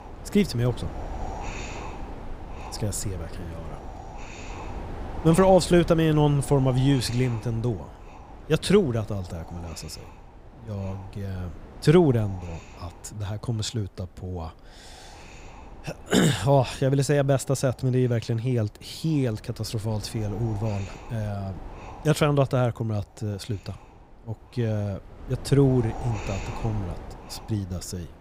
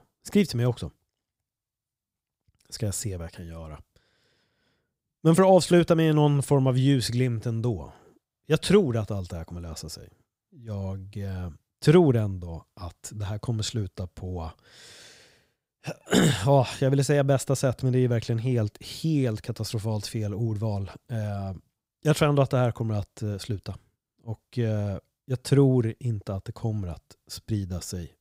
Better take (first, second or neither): second